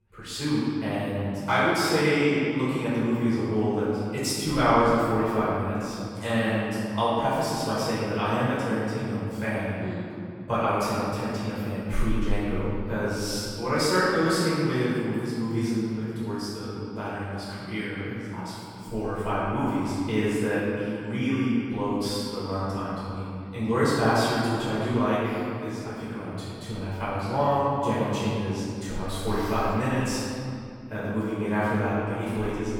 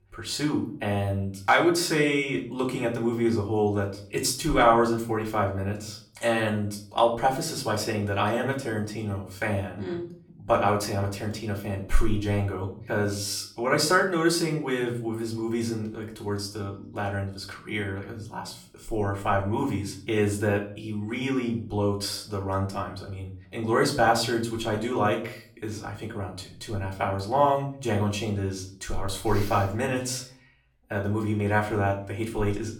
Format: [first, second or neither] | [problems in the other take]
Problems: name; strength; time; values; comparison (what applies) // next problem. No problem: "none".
second | room echo; strong; dies away in 2.4 s; slight in the second // off-mic speech; far; far in the second